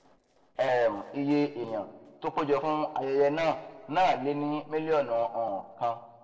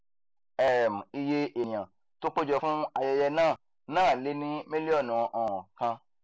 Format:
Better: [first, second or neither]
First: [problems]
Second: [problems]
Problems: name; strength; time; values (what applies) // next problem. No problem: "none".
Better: second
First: noise reduction (neural separator model SepFormer DNS4)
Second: none